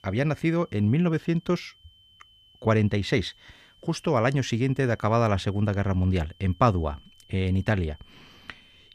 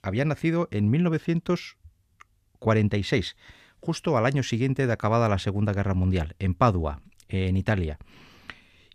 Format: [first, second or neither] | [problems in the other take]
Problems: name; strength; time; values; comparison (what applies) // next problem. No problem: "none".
second | high-pitched whine; faint; throughout; 3 kHz, 30 dB below the speech